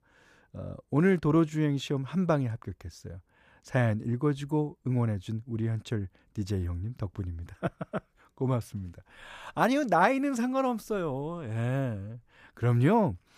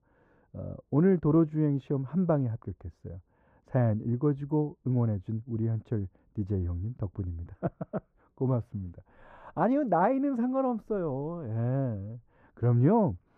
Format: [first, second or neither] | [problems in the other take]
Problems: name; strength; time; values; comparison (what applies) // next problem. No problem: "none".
first | muffled; very; fading above 2 kHz